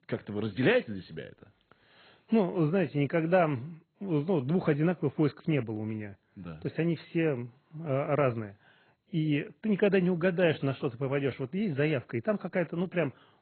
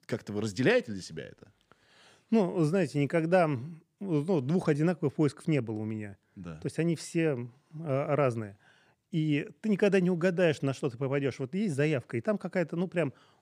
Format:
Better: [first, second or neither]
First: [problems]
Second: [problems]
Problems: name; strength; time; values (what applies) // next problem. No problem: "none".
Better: second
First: garbled, watery; badly; nothing above 4 kHz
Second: none